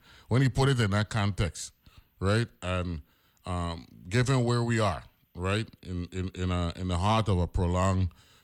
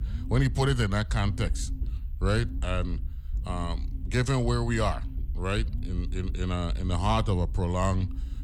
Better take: first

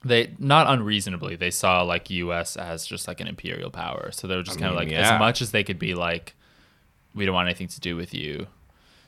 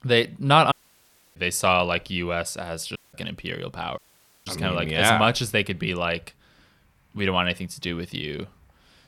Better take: first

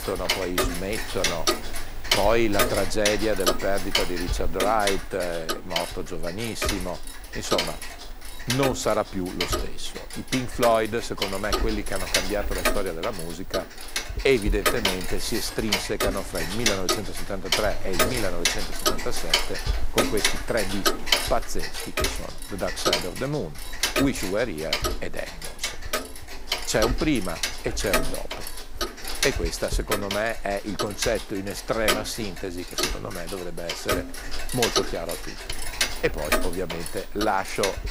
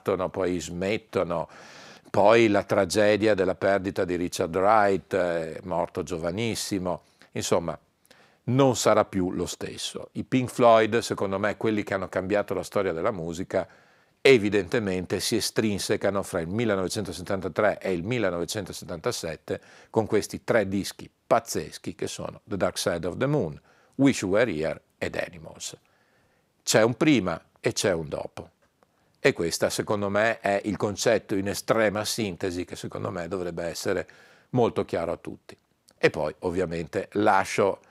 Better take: second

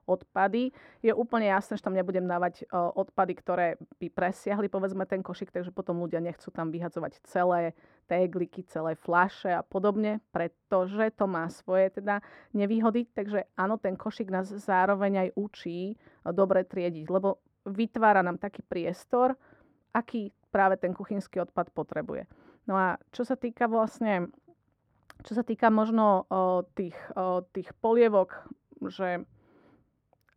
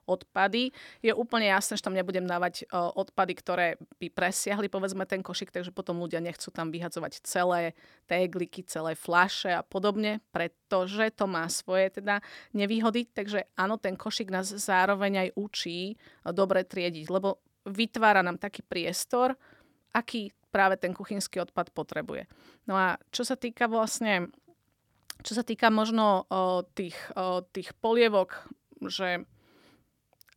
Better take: second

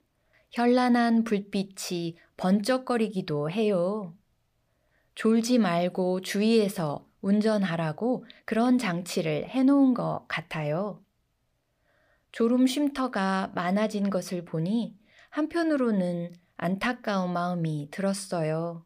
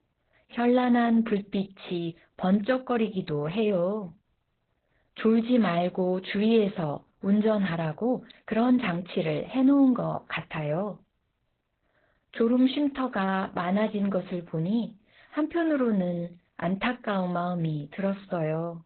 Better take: first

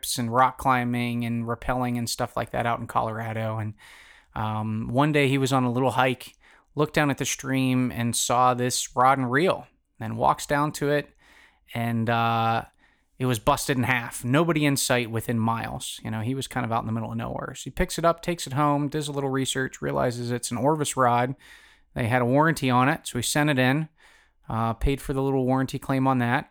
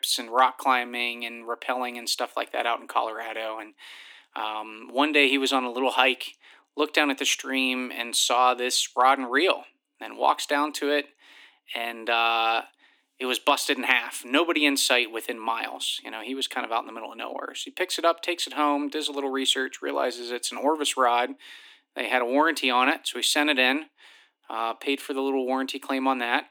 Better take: first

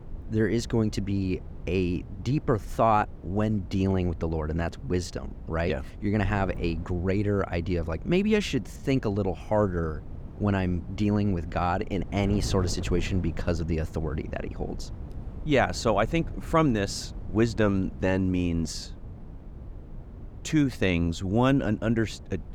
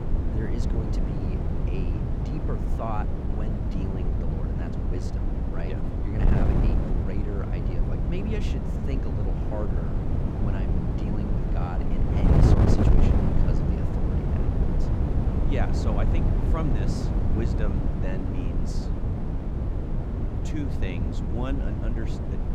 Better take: first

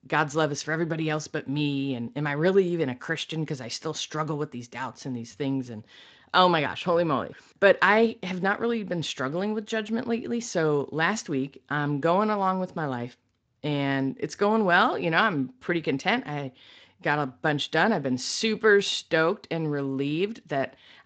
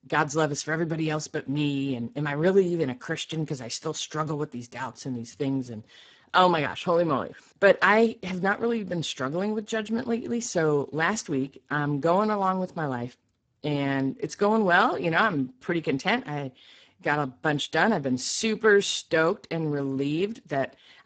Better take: first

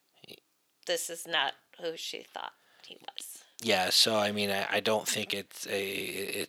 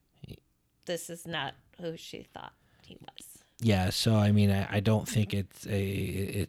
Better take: second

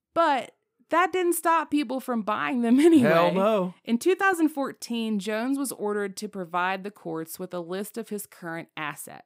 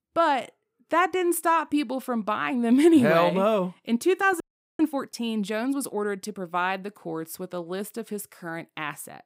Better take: first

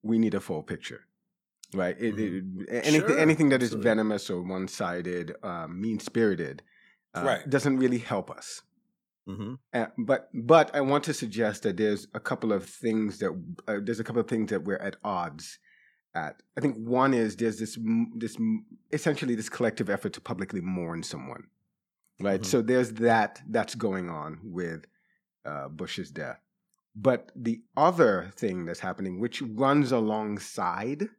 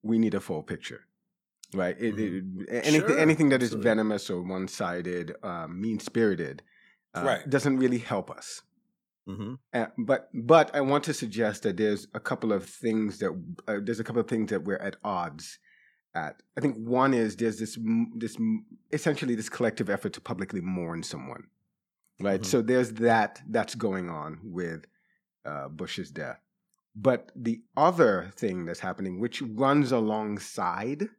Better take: neither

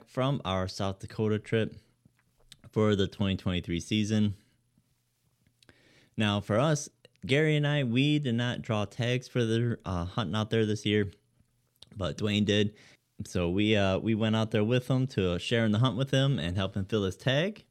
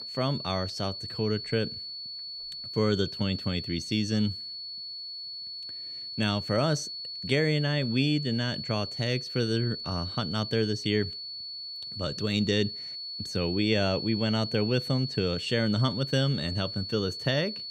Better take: first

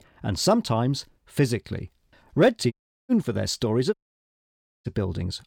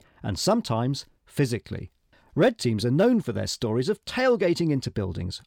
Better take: second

